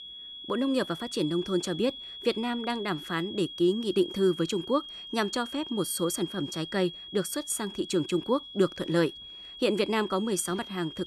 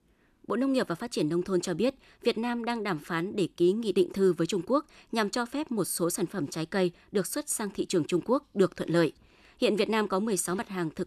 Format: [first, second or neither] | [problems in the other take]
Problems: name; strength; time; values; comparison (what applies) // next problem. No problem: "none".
second | high-pitched whine; noticeable; throughout; 3.5 kHz, 10 dB below the speech